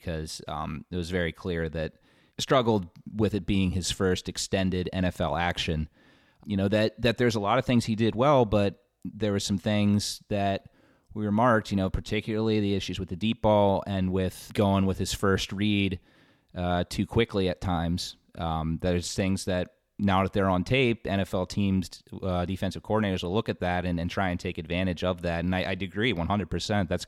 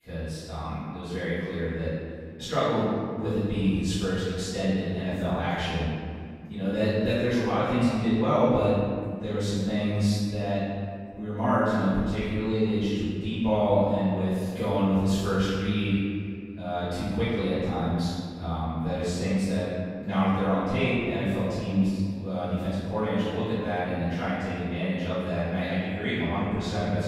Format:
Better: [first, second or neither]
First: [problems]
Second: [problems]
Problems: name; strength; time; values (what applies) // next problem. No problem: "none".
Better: first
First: none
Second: off-mic speech; far // room echo; strong; dies away in 1.9 s